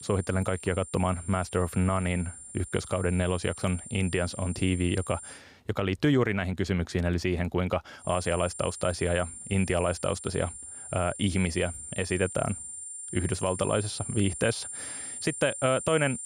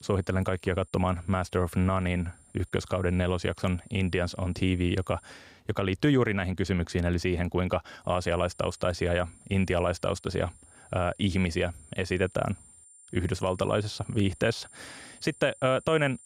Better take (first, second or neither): second